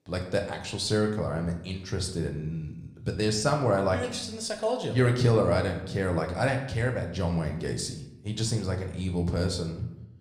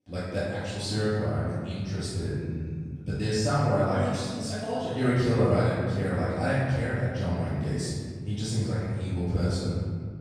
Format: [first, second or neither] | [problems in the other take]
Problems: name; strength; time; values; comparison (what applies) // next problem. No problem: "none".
first | room echo; strong; dies away in 2.1 s; slight in the first // off-mic speech; far